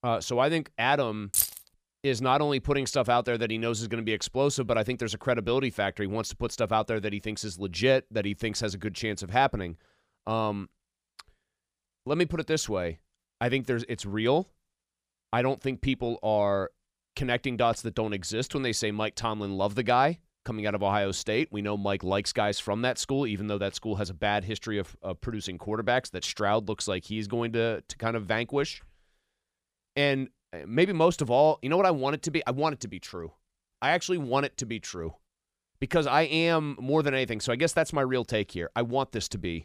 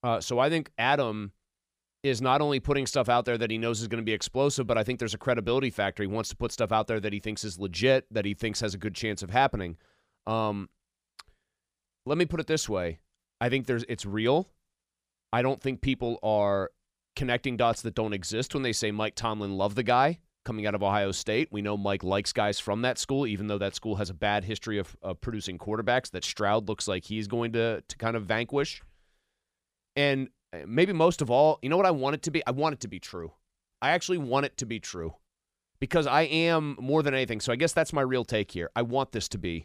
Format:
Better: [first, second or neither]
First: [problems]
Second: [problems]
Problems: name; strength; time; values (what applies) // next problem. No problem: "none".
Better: second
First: jangling keys; loud; at 1.5 s; peak 3 dB above the speech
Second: none